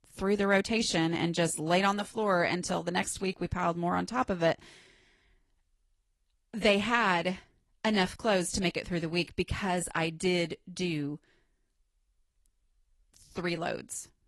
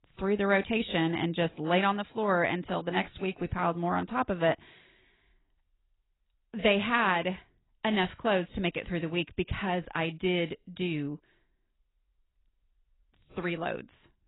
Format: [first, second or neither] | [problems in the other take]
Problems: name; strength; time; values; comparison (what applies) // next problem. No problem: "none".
first | garbled, watery; badly; nothing above 4 kHz; slightly in the first